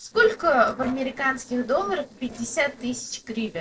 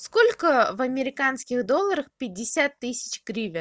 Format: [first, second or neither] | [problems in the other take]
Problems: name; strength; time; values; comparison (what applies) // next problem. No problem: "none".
second | noise reduction (neural separator model SepFormer DNS4)